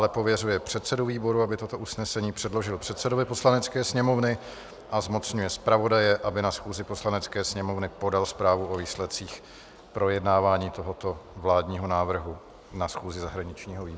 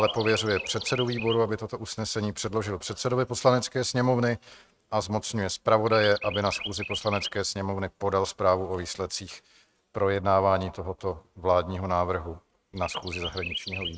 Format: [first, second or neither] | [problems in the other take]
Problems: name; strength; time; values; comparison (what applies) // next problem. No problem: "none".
first | noise reduction (neural mask model RNNoise)